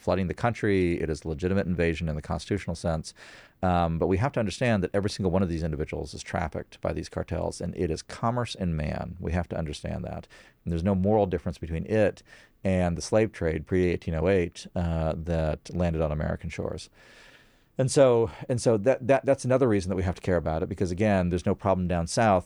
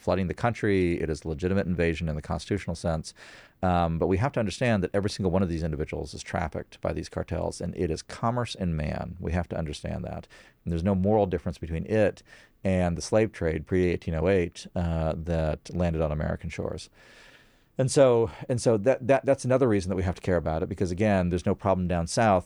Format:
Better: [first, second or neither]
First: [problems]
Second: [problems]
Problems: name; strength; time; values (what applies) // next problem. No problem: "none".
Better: neither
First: none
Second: none